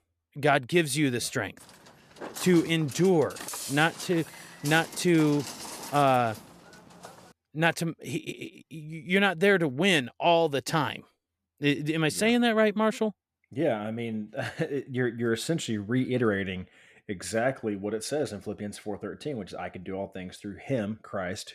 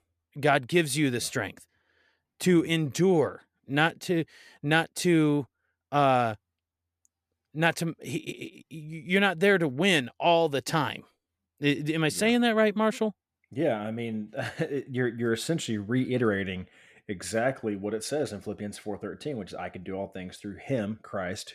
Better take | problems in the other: second | footsteps; noticeable; from 1.5 to 7.5 s; peak 7 dB below the speech

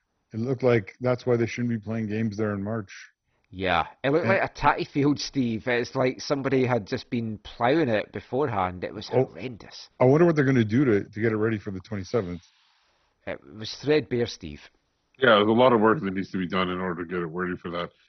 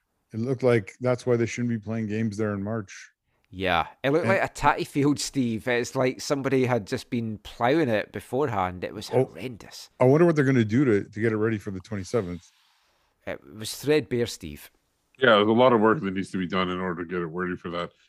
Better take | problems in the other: second | garbled, watery; badly; nothing above 6 kHz

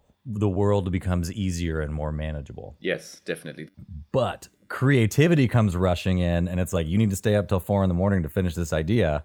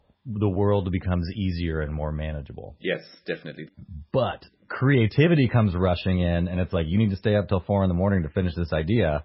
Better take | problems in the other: first | garbled, watery; badly; nothing above 5.5 kHz

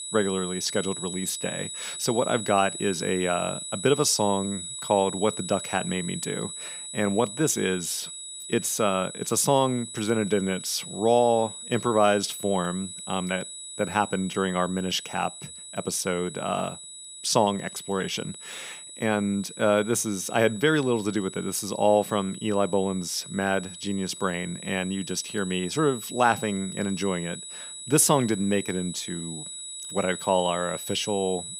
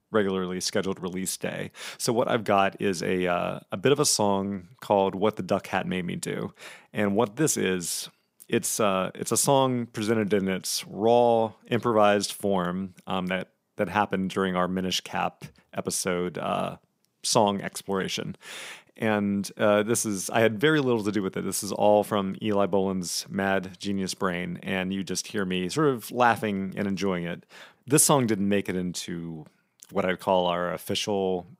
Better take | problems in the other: second | high-pitched whine; loud; throughout; 8 kHz, 10 dB below the speech

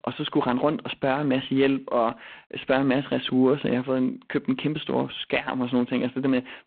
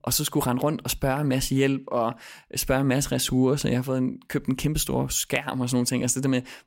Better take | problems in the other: second | phone-call audio; poor line

